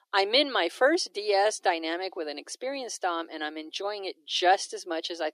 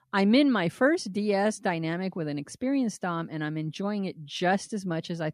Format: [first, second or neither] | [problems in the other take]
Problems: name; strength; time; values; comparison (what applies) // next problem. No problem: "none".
second | thin; very; fading below 350 Hz